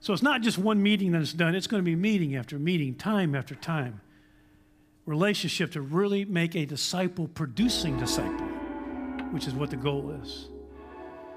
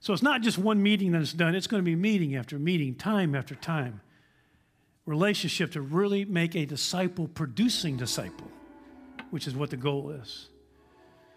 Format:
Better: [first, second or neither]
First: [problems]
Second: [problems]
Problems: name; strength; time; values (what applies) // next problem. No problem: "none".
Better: second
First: background music; loud; throughout; 10 dB below the speech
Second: background music; faint; throughout; 25 dB below the speech